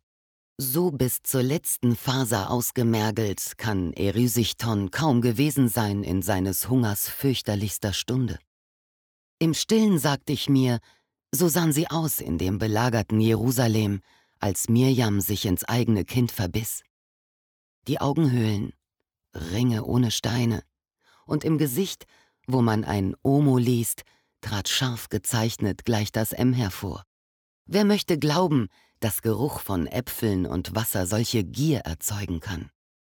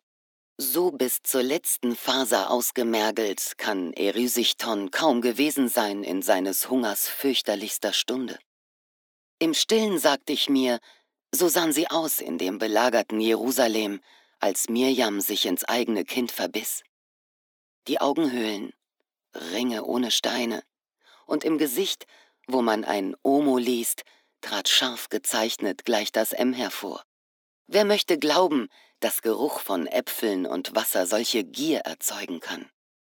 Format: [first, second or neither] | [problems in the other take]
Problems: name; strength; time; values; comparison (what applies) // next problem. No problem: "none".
first | thin; somewhat; fading below 250 Hz